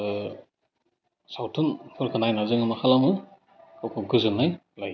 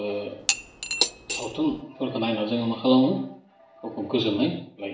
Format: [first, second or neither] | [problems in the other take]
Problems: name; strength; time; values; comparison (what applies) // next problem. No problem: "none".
first | background sound (Cutlery, silverware / Dishes, pots, and pans); 3 dB below the speech // room echo; dies away in 0.5 s